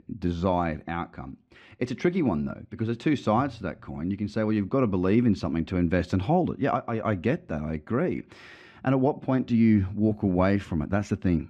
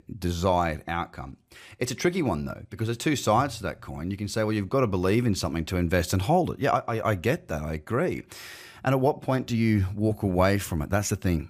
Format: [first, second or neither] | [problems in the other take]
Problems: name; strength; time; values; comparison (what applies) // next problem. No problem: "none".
second | muffled; slightly; fading above 3 kHz